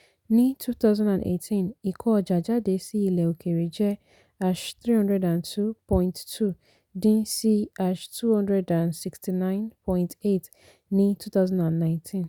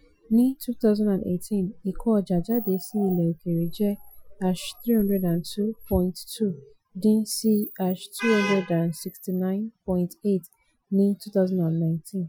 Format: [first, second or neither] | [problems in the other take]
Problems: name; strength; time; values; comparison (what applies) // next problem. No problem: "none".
first | noise reduction (classical method Wiener filter)